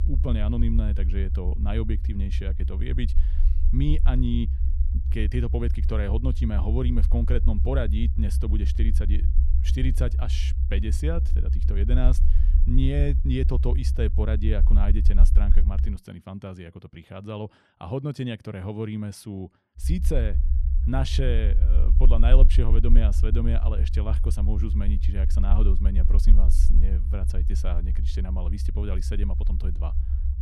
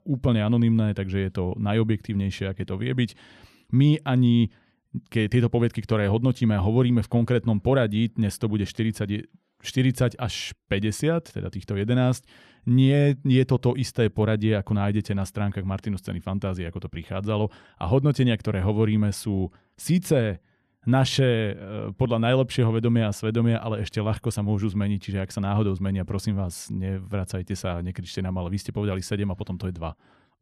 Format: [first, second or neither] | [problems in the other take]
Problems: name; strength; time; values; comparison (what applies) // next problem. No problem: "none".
second | low rumble; loud; until 16 s and from 20 s on; 9 dB below the speech